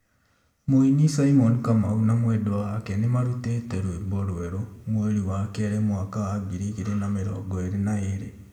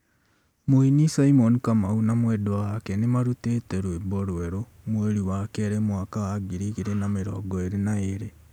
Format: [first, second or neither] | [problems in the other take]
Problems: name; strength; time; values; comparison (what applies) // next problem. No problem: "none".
second | room echo; dies away in 0.8 s